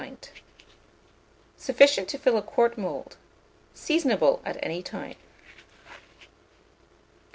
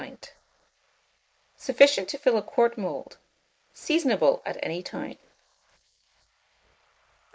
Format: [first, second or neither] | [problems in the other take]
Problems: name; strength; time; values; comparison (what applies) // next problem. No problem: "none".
first | noise reduction (neural mask model Resemble Enhance denoiser)